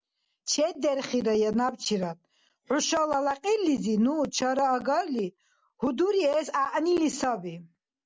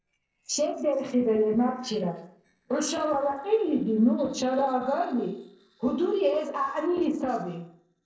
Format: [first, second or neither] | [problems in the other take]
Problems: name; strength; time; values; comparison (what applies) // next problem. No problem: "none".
first | noise reduction (neural separator model SepFormer DNS4)